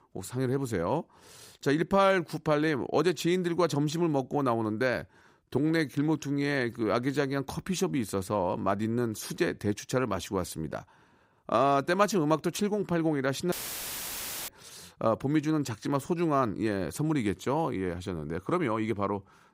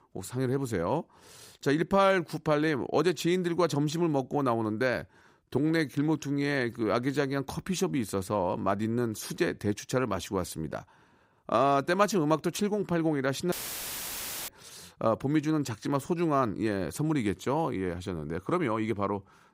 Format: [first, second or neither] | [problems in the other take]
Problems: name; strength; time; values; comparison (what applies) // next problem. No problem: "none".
neither | audio cutting out; filled with static; at 14 s for 1 s; the same in both